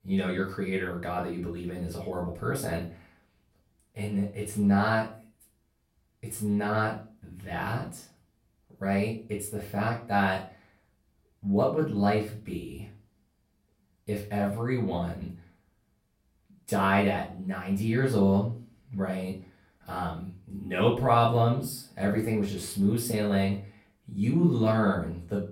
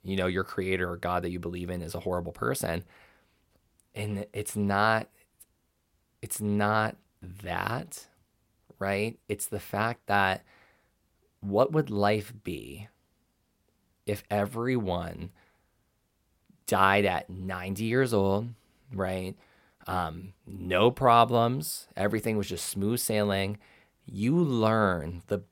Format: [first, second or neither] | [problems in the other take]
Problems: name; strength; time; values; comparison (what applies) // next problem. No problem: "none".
second | off-mic speech; far // room echo; slight; dies away in 0.3 s